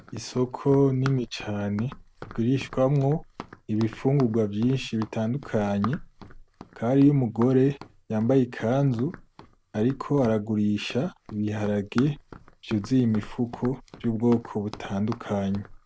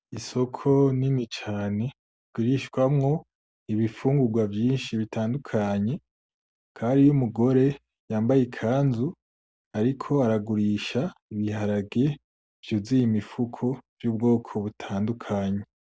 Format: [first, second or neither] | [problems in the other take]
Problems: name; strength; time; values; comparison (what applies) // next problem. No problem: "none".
second | background sound (Run); 18 dB below the speech